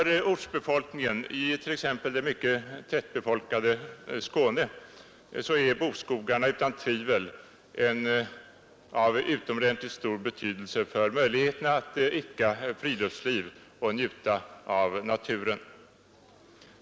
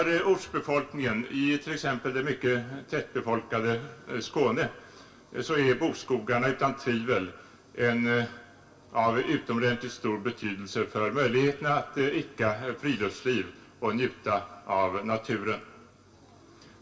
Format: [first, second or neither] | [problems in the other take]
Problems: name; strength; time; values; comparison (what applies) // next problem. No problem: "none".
first | room echo; dies away in 0.2 s